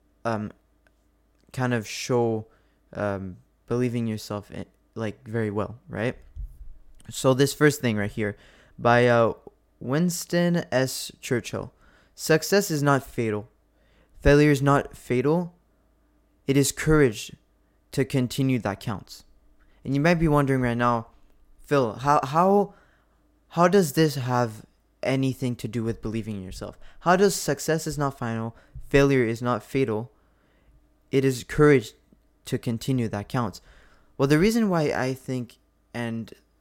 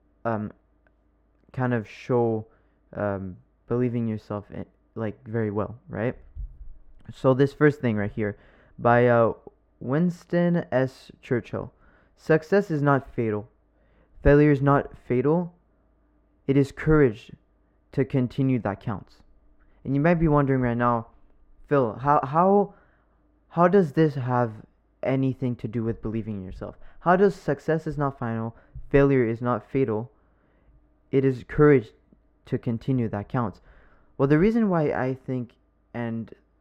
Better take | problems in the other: first | muffled; very; fading above 3.5 kHz

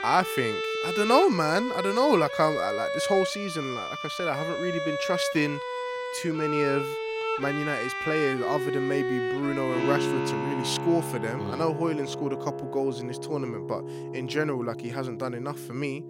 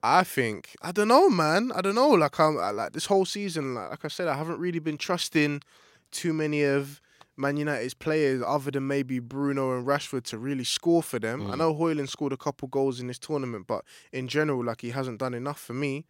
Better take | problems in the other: second | background music; loud; throughout; 3 dB below the speech

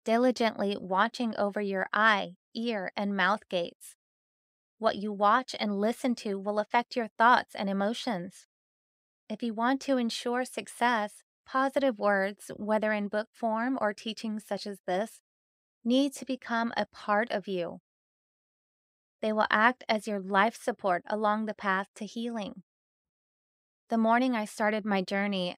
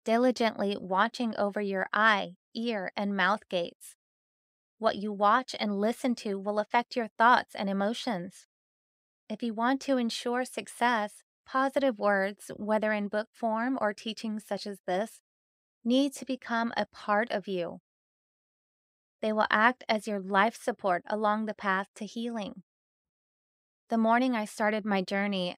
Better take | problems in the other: neither | none

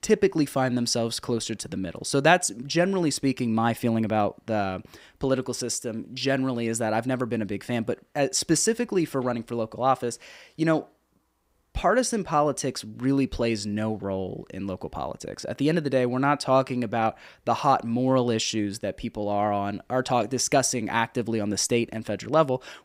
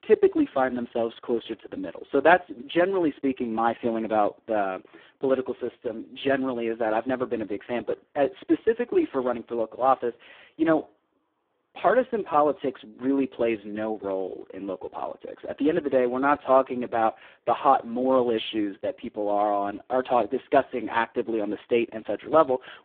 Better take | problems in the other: first | phone-call audio; poor line

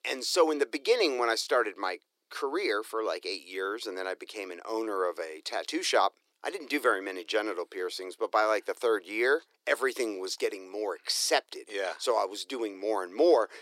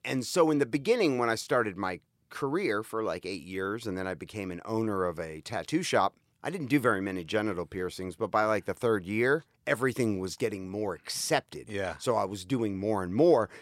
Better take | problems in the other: second | thin; somewhat; fading below 350 Hz

